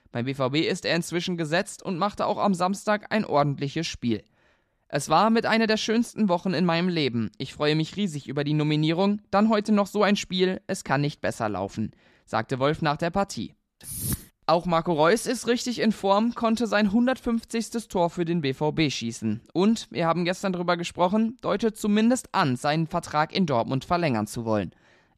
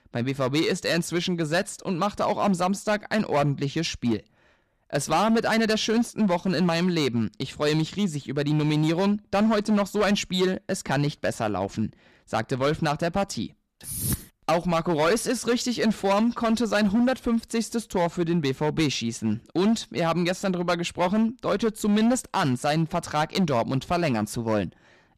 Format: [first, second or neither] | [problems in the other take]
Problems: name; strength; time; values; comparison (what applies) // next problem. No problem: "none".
first | distortion; slight; 9% of the sound clipped